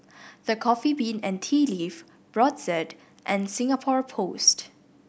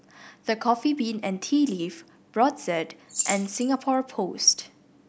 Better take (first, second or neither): first